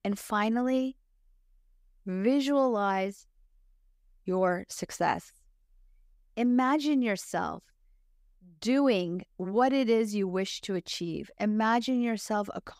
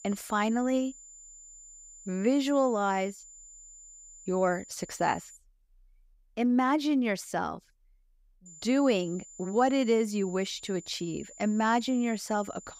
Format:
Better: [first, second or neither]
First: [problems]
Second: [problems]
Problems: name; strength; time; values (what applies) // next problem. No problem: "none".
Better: first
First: none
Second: high-pitched whine; noticeable; until 5.5 s and from 8.5 s on; 7 kHz, 20 dB below the speech